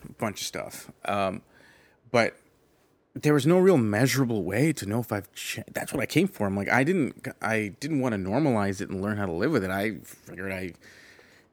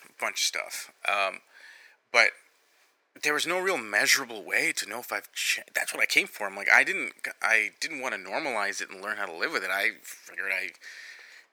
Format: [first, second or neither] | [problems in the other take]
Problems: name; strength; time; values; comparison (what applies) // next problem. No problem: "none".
first | thin; very; fading below 750 Hz